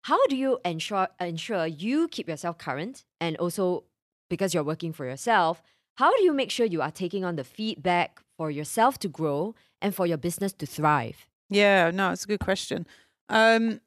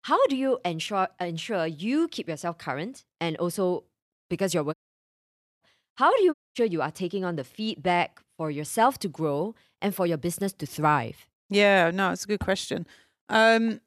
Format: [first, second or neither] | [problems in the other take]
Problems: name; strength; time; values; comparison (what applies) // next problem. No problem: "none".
first | audio cutting out; at 4.5 s for 1 s and at 6.5 s